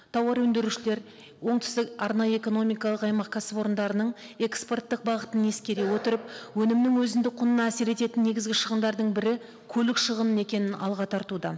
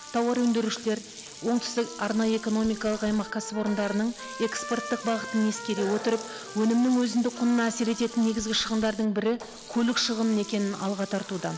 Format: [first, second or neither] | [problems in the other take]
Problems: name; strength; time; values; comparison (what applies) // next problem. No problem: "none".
first | background sound (Sink (filling or washing) + Trumpet); 14 dB below the speech